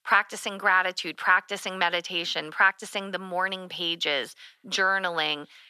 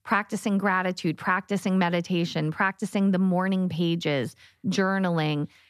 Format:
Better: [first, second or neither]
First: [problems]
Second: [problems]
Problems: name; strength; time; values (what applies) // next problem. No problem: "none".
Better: second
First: thin; very; fading below 600 Hz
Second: none